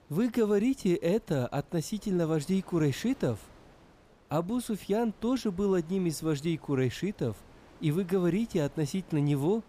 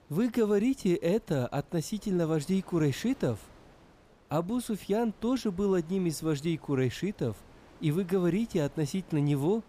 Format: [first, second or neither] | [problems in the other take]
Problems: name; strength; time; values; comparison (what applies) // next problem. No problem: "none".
neither | wind noise on the microphone; occasional gusts; 25 dB below the speech; the same in both